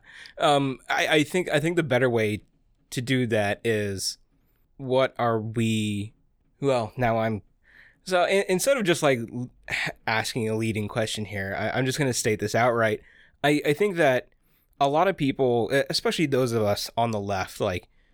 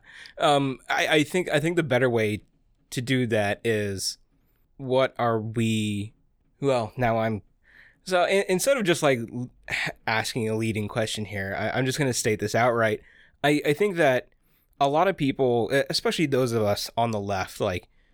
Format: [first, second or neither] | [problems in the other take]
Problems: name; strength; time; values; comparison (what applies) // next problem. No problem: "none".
neither | none